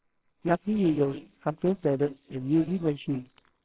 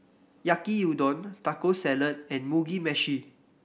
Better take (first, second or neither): second